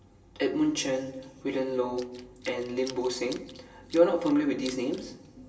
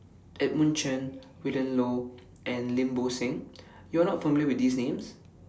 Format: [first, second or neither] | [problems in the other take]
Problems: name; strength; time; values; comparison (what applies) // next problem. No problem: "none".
second | background sound (Tools); 20 dB below the speech // room echo; dies away in 2.9 s